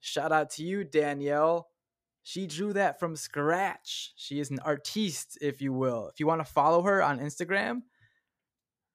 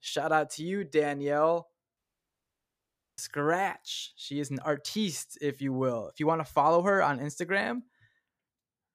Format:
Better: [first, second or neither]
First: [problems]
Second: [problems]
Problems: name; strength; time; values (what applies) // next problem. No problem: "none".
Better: first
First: none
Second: audio cutting out; at 2 s for 1 s